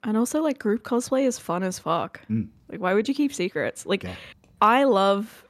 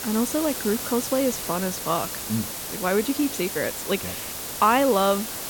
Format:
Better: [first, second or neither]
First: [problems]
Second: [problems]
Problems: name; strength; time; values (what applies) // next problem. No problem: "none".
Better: first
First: none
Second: hiss; loud; throughout; 5 dB below the speech